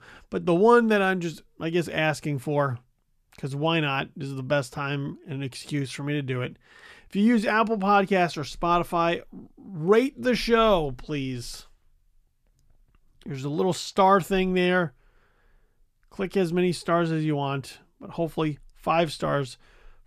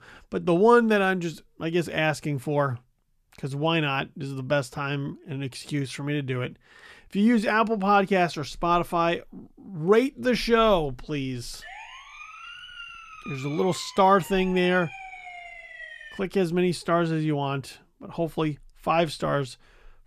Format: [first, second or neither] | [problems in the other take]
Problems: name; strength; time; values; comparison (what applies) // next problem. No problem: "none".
first | siren; faint; from 12 to 16 s; peak 15 dB below the speech